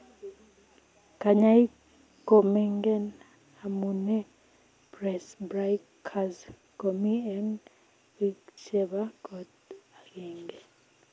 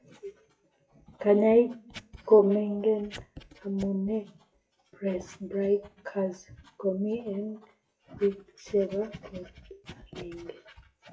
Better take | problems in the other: first | noise reduction (classical method WPE with log-MMSE)

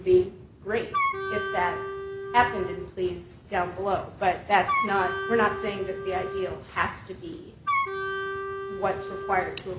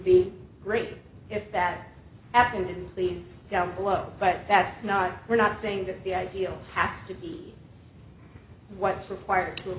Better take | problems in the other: second | background sound (Wind instrument, woodwind instrument); 3 dB below the speech

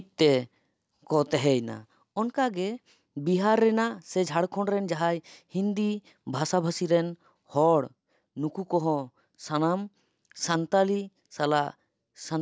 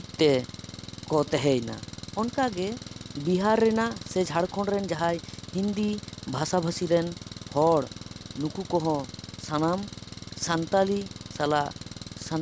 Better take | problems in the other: first | background sound (Engine); 13 dB below the speech

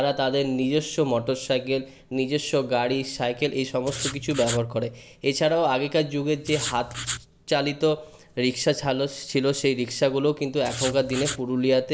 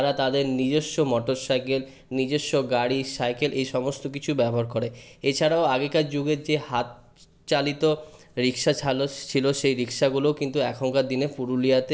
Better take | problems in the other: second | background sound (Writing); 8 dB below the speech

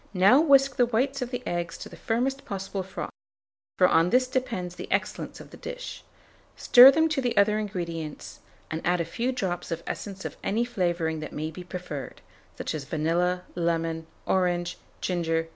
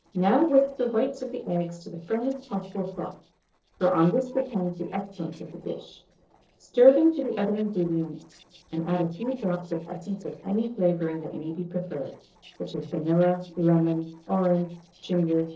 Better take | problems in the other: first | noise reduction (neural separator model SepFormer DNS4)

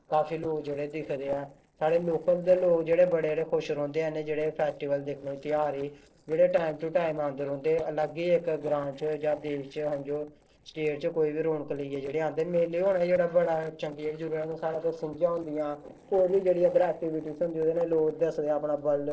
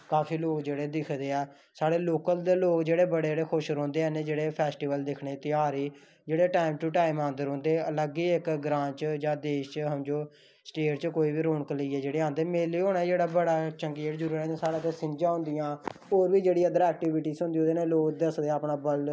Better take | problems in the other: second | noise reduction (neural separator model SepFormer DNS4)

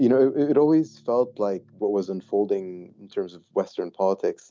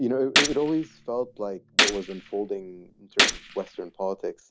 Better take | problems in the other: first | background sound (Gunshot, gunfire); 2 dB above the speech

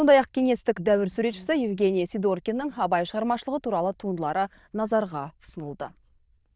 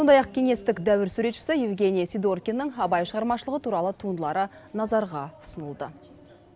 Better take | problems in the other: second | noise reduction (neural diffusion model UNIVERSE++)

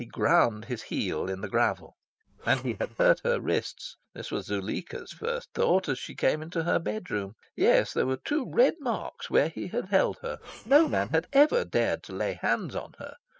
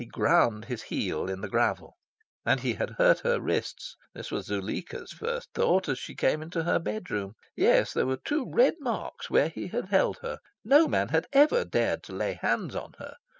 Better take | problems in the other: second | noise reduction (neural mask model RNNoise)

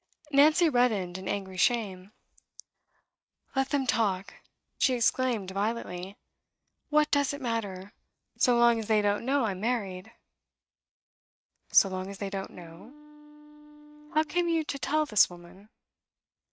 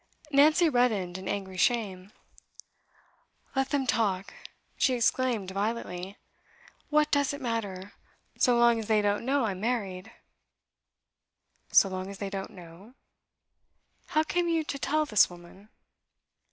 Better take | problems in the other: second | noise reduction (neural mask model RNNoise)

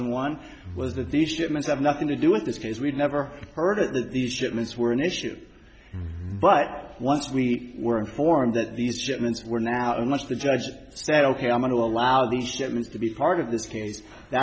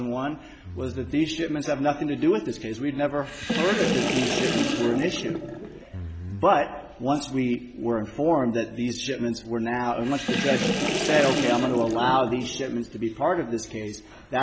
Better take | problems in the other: first | background sound (Sink (filling or washing) / Water); 3 dB below the speech

